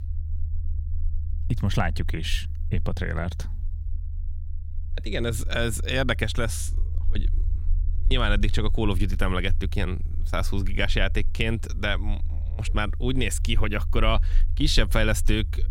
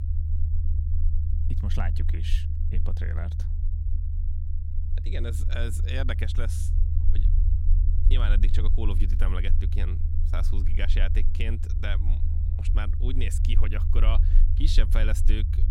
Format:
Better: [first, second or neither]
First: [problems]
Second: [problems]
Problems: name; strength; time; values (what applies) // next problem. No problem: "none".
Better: first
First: low rumble; faint; throughout; 20 dB below the speech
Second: low rumble; loud; throughout; 8 dB below the speech